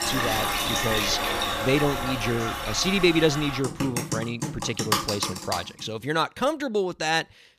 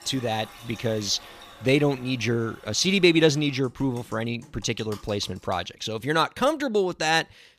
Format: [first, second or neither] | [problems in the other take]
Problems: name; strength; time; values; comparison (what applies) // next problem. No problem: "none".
second | household noises; loud; until 5.5 s; 1 dB below the speech; faint in the second